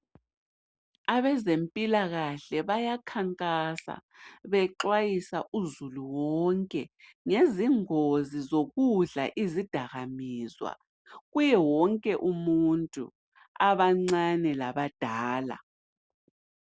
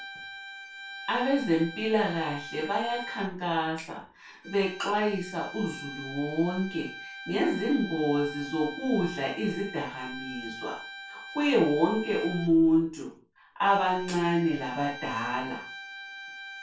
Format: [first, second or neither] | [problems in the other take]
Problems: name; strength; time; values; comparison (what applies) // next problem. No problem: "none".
first | background sound (Bowed string instrument); 13 dB below the speech // room echo; dies away in 0.3 s